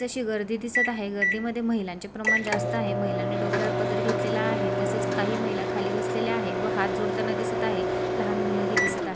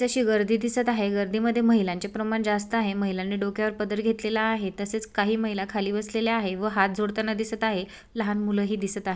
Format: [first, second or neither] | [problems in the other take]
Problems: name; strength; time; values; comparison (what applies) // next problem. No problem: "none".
second | background sound (Microwave oven); 4 dB above the speech